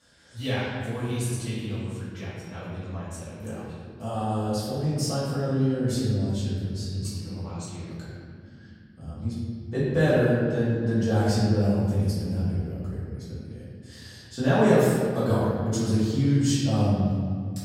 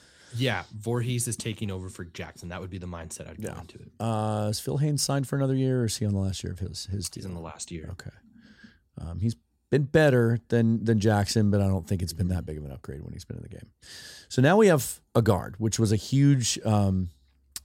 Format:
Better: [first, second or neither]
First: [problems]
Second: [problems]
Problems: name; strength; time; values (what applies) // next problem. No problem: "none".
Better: second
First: off-mic speech; far // room echo; strong; dies away in 2 s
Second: none